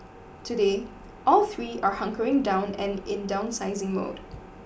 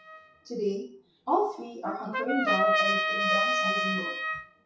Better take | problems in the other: first | noise reduction (classical method WPE with log-MMSE)

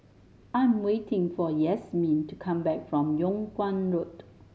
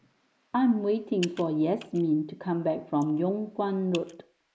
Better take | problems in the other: first | noise reduction (neural mask model Resemble Enhance denoiser)

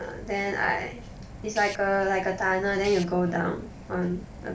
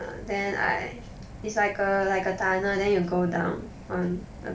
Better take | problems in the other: second | background sound (Tools); 18 dB below the speech

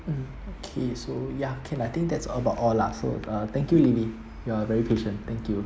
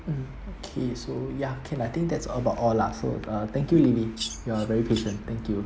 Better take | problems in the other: first | background sound (Bird vocalization, bird call, bird song); 12 dB below the speech

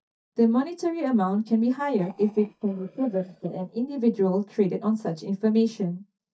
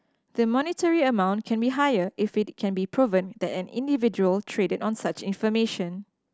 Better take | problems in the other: second | noise reduction (neural mask model DeepFilterNet 3)

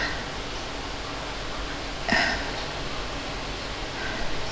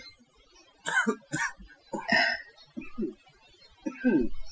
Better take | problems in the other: first | noise reduction (classical method Wiener filter)

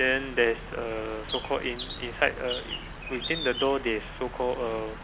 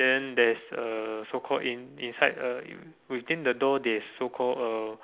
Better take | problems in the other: second | background sound (Bird); 8 dB below the speech

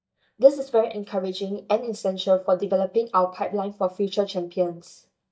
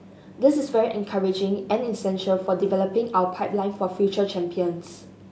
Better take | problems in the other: second | noise reduction (neural mask model DeepFilterNet 3)

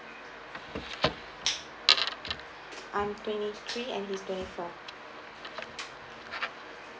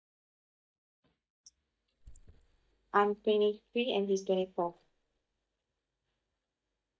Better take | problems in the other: first | noise reduction (neural mask model DeepFilterNet 3)

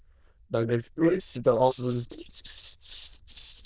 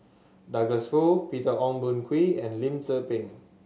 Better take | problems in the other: second | noise reduction (neural diffusion model UNIVERSE++)

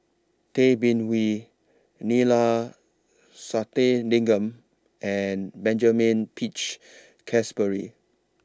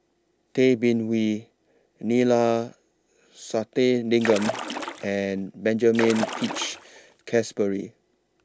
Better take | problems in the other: first | background sound (Splash, splatter); 7 dB below the speech

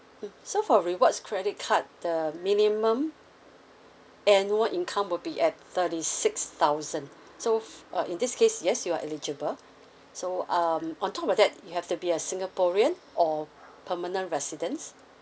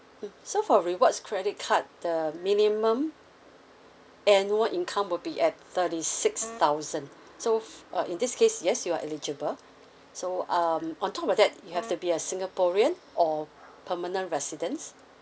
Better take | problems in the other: first | background sound (Wind instrument, woodwind instrument); 18 dB below the speech

